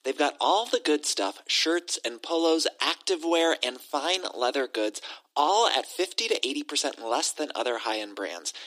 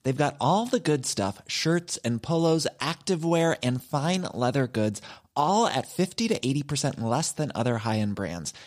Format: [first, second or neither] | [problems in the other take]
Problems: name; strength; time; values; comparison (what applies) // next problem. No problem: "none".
second | thin; somewhat; fading below 300 Hz